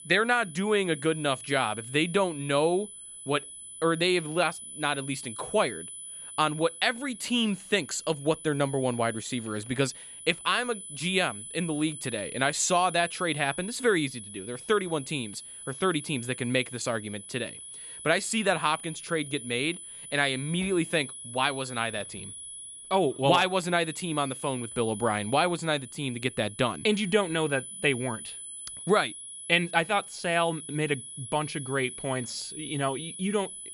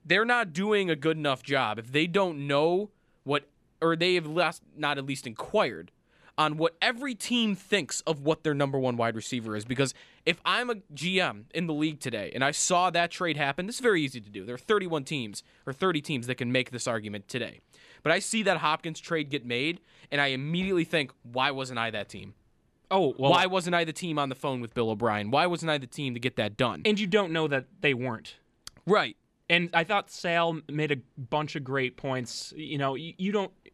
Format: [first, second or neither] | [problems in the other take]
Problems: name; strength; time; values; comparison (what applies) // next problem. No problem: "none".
second | high-pitched whine; noticeable; throughout; 10 kHz, 10 dB below the speech